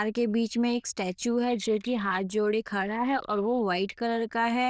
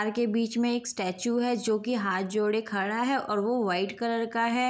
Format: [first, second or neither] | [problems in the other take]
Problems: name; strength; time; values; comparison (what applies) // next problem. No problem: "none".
second | noise reduction (neural diffusion model UNIVERSE++)